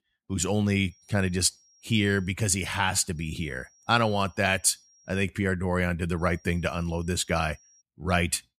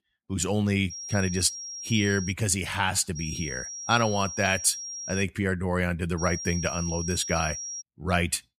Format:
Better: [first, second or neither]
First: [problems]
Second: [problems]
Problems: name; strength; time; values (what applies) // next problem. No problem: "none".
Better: first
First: high-pitched whine; faint; from 1 to 2.5 s, from 3 to 5 s and from 6 to 8 s; 5.5 kHz, 30 dB below the speech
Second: high-pitched whine; loud; from 1 to 2.5 s, from 3 to 5 s and from 6 to 8 s; 5.5 kHz, 8 dB below the speech